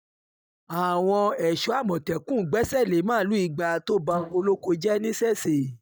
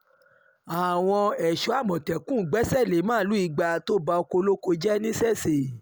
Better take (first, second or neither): second